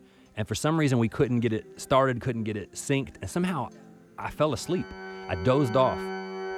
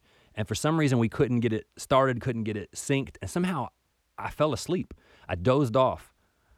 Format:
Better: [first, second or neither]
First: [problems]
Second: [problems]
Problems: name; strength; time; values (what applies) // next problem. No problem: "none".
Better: second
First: background music; noticeable; throughout; 15 dB below the speech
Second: none